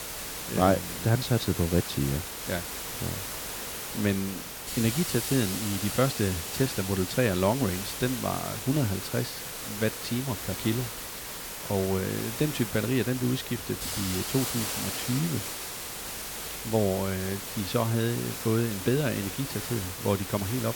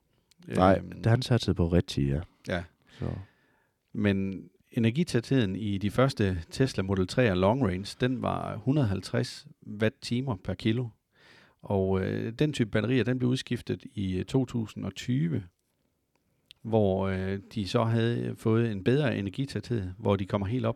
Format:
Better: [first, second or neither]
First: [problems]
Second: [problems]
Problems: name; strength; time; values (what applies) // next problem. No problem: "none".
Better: second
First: hiss; loud; throughout; 4 dB below the speech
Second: none